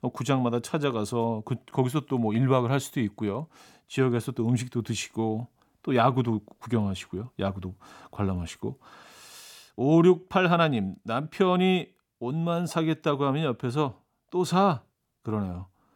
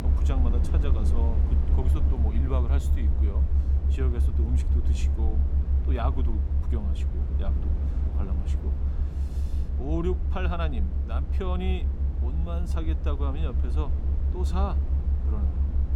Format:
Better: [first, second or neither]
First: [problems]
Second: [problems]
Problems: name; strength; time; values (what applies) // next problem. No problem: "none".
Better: first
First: none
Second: low rumble; loud; throughout; 5 dB below the speech